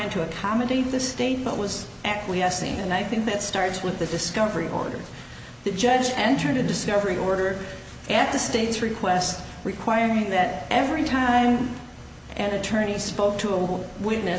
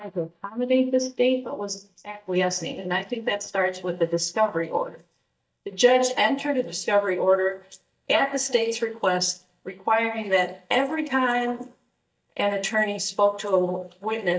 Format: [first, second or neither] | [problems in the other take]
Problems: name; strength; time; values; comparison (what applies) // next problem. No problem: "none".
first | noise reduction (neural mask model DeepFilterNet 3)